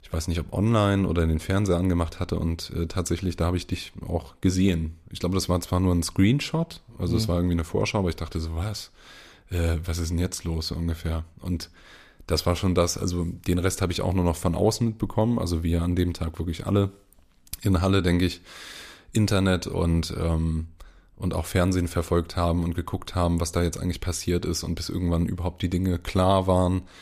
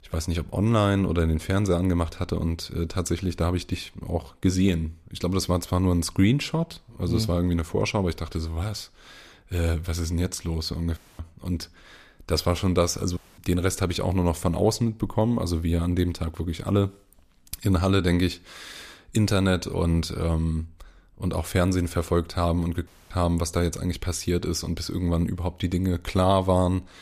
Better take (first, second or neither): first